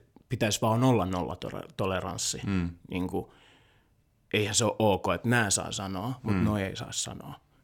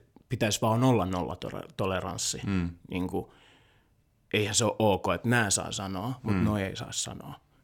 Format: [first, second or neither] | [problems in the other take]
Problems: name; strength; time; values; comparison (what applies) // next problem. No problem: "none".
neither | none